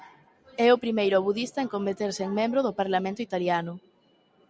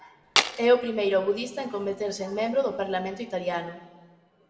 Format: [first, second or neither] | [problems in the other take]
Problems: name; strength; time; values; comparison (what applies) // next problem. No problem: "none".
first | background sound (Tools); 2 dB above the speech // room echo; dies away in 1.1 s